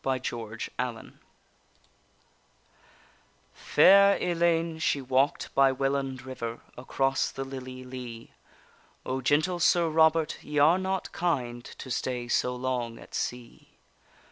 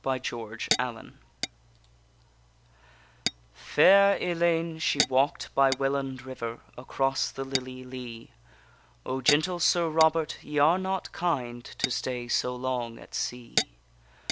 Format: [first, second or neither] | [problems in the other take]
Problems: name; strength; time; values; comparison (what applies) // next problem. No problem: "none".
first | background sound (Tap / Glass); 9 dB below the speech